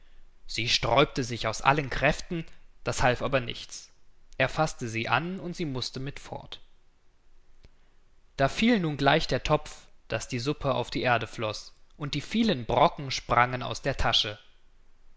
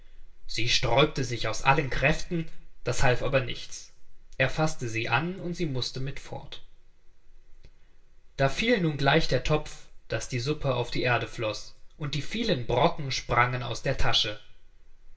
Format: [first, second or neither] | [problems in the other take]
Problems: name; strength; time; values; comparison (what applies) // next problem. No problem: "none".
first | room echo; dies away in 0.2 s